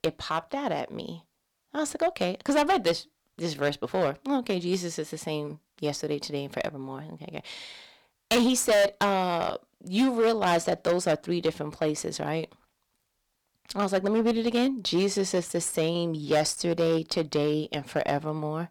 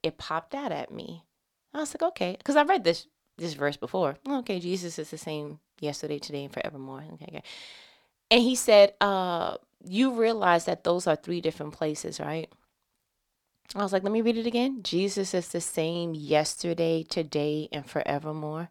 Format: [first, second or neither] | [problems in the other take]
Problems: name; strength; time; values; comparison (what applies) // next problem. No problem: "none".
second | distortion; heavy; 5% of the sound clipped